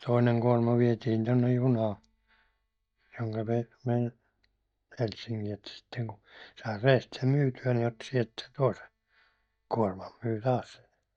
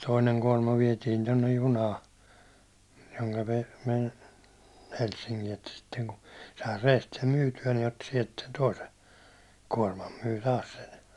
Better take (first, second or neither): second